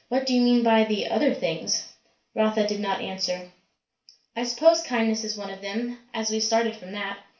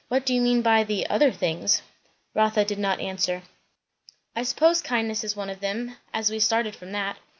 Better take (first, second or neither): second